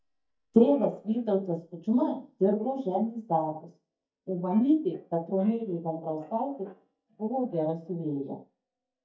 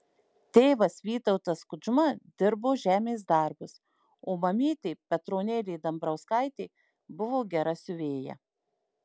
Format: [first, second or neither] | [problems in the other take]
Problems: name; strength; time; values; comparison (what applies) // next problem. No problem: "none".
second | noise reduction (neural mask model DeepFilterNet 3)